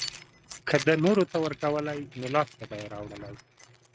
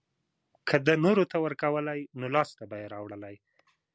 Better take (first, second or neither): second